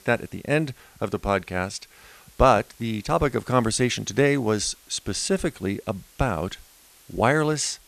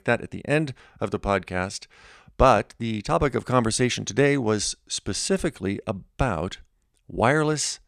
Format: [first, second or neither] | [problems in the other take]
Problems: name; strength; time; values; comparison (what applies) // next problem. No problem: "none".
second | hiss; faint; throughout; 25 dB below the speech